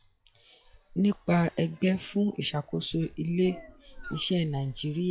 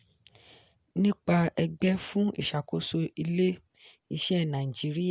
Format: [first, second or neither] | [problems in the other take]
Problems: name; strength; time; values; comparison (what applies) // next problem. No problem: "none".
second | noise reduction (classical method log-MMSE)